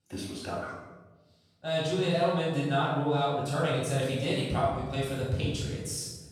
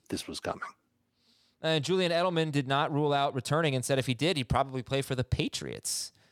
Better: second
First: off-mic speech; far // room echo; strong; dies away in 1.1 s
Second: none

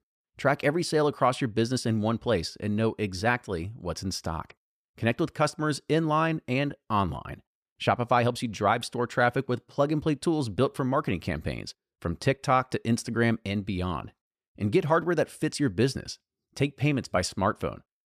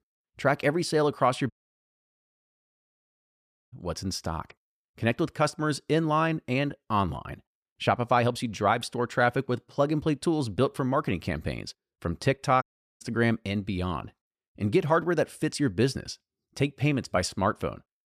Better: first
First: none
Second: audio cutting out; at 1.5 s for 2 s and at 13 s

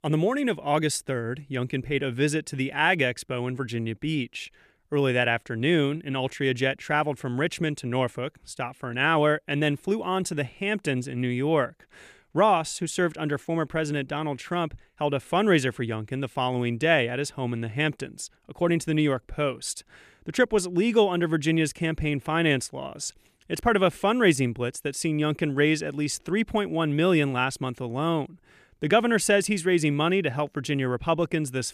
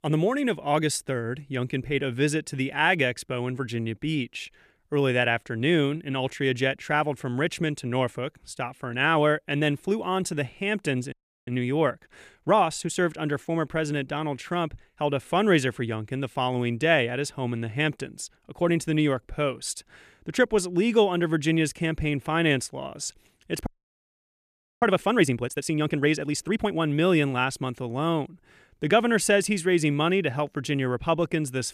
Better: first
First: none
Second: audio freezing; at 11 s and at 24 s for 1 s

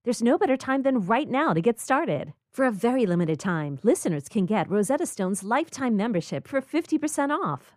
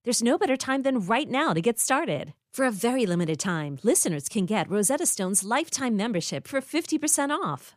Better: second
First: muffled; slightly; fading above 2.5 kHz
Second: none

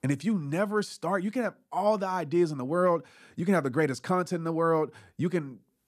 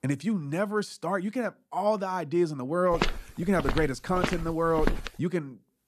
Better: first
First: none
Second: footsteps; noticeable; from 3 to 5 s; peak 2 dB below the speech

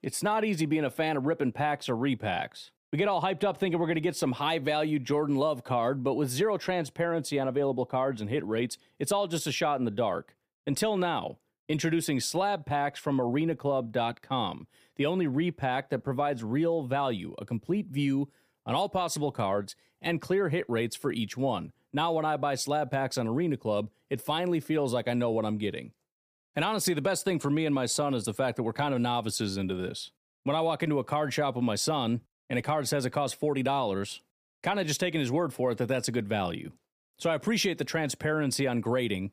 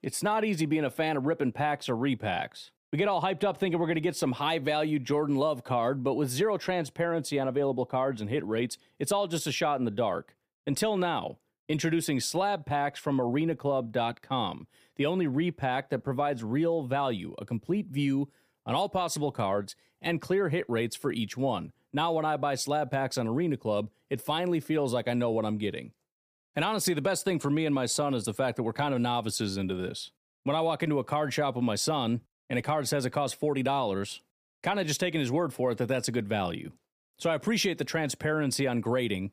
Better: neither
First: none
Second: none

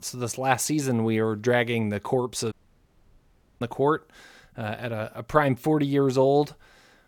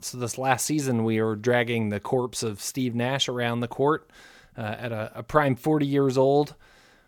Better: second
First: audio cutting out; at 2.5 s for 1 s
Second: none

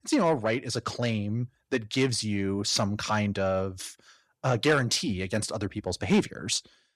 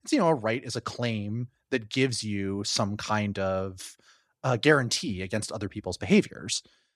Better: second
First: distortion; slight; 10 dB below the speech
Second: none

